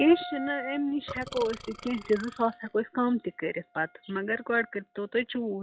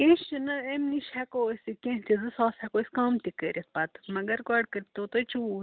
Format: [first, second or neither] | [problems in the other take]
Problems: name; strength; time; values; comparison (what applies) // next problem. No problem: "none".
second | noise reduction (classical method log-MMSE)